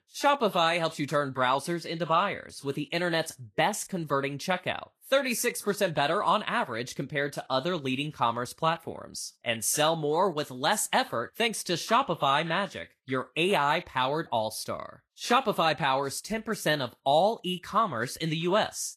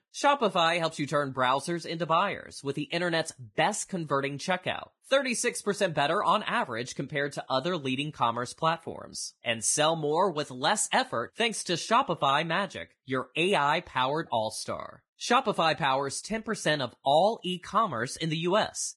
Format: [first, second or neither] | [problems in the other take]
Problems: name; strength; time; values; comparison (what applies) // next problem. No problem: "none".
first | garbled, watery; badly; nothing above 10.5 kHz; slightly in the first